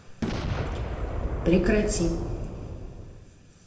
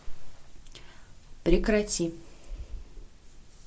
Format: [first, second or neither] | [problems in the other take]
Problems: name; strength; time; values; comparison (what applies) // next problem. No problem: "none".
second | background sound (Boom); 1 dB below the speech // room echo; dies away in 0.8 s